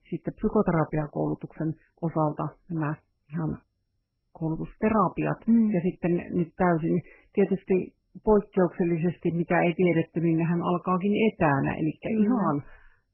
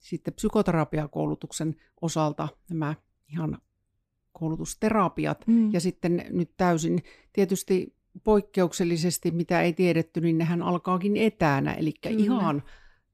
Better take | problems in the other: second | garbled, watery; badly; nothing above 3 kHz

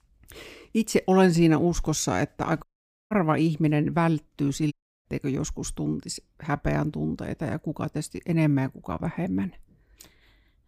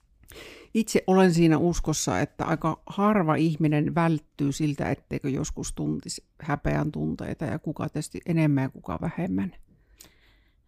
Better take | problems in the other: second | audio cutting out; at 2.5 s and at 4.5 s

